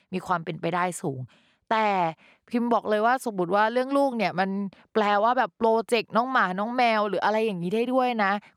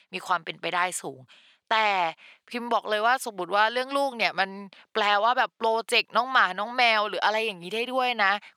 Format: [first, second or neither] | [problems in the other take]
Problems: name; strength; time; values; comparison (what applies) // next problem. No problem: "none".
first | thin; somewhat; fading below 1 kHz